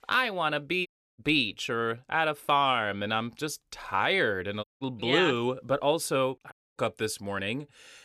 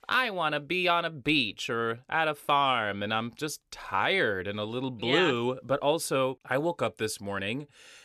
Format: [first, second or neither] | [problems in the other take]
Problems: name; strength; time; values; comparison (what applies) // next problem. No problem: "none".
second | audio cutting out; at 1 s, at 4.5 s and at 6.5 s